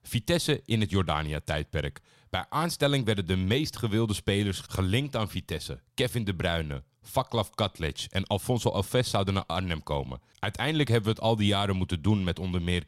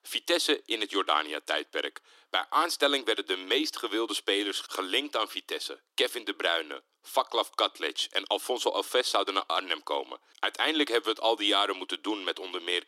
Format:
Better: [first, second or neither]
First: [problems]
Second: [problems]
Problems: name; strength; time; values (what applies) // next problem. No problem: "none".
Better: first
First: none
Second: thin; very; fading below 300 Hz